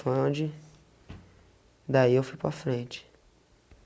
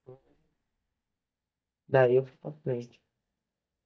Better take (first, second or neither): first